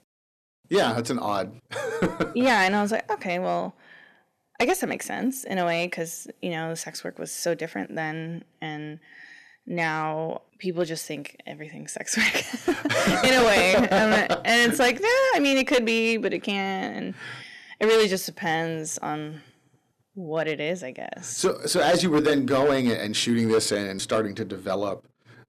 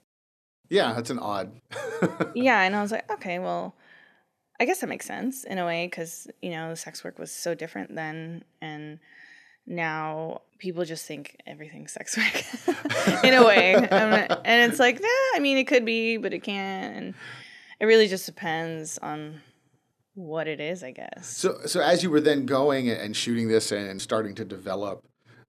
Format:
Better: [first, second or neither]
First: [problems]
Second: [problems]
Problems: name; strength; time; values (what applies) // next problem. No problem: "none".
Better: second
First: distortion; heavy; 5% of the sound clipped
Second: none